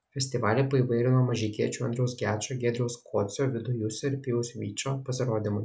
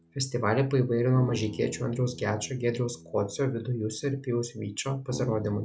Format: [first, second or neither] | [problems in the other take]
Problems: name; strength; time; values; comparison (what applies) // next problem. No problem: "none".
first | background sound (Bass guitar); 16 dB below the speech